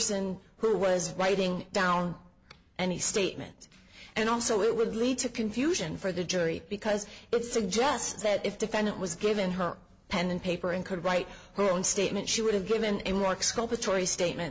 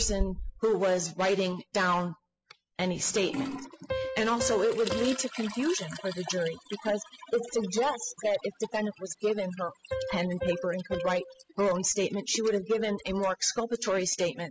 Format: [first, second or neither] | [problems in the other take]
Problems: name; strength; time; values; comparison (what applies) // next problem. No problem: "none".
first | noise reduction (classical method spectral subtraction)